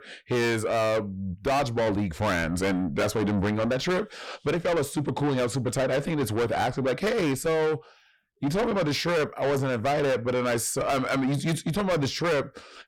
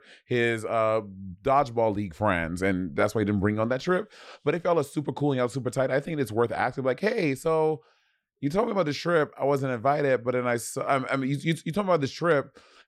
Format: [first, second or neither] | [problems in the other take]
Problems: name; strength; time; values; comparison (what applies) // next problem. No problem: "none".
second | distortion; heavy; 6 dB below the speech